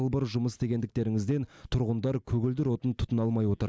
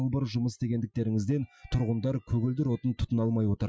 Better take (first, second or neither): first